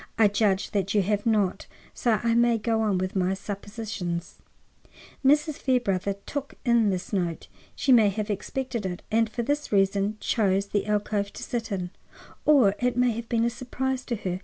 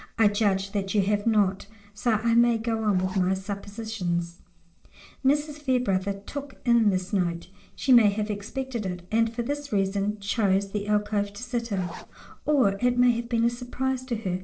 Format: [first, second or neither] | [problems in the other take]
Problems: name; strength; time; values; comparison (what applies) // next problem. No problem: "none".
first | noise reduction (neural separator model SepFormer DNS4)